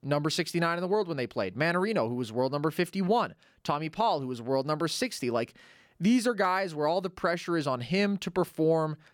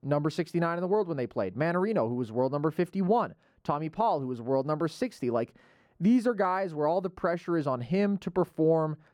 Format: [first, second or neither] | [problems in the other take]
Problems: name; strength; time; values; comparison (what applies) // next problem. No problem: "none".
first | muffled; slightly; fading above 2 kHz